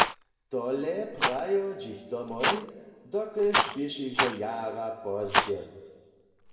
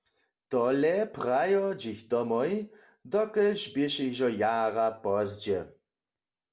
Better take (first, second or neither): second